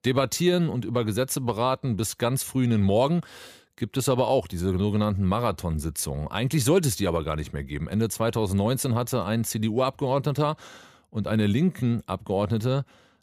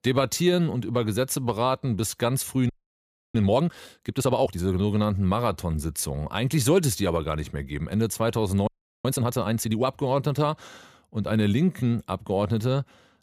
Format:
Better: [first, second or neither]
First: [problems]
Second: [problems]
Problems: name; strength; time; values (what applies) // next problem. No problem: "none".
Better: first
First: none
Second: audio freezing; at 2.5 s for 0.5 s and at 8.5 s